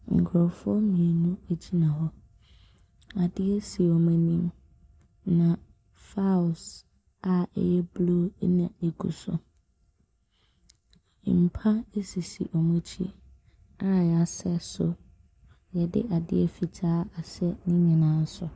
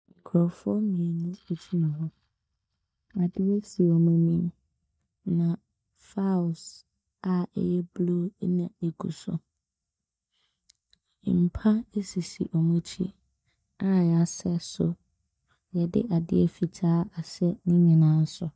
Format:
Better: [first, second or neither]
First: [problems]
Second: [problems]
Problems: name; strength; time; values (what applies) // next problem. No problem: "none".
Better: first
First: none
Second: noise reduction (neural mask model DeepFilterNet 3)